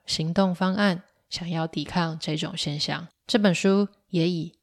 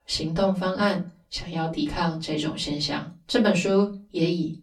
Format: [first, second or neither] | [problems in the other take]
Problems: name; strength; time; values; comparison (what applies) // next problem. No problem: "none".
first | off-mic speech; far // room echo; very slight; dies away in 0.2 s